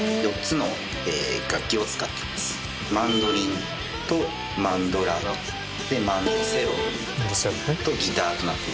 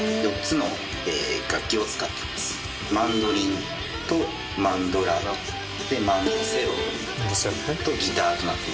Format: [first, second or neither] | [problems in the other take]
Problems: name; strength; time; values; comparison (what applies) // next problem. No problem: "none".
first | room echo; dies away in 2.7 s